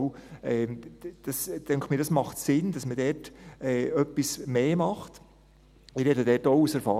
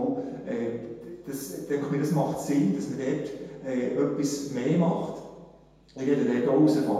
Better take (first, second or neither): first